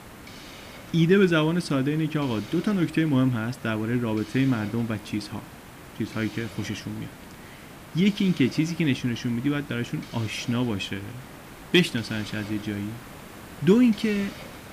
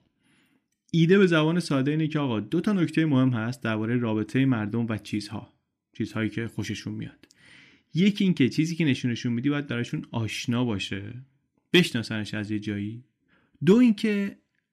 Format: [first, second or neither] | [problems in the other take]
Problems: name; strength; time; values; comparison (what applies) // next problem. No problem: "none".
second | hiss; noticeable; throughout; 15 dB below the speech